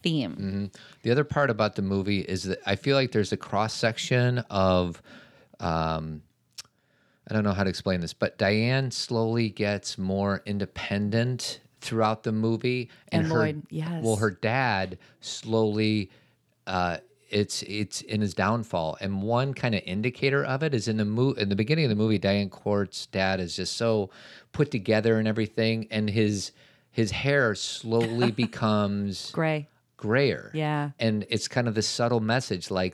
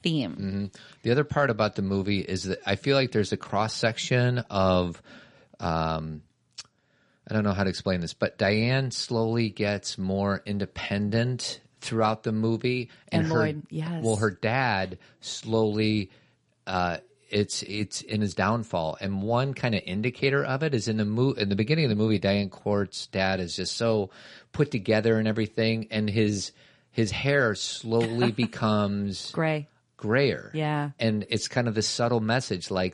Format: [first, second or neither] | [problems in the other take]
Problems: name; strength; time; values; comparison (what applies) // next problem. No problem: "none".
first | garbled, watery; slightly; nothing above 10.5 kHz